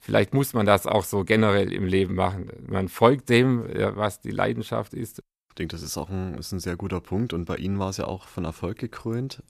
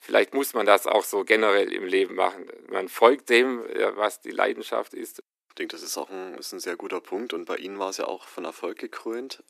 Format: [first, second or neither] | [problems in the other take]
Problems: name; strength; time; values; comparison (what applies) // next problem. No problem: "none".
first | thin; somewhat; fading below 300 Hz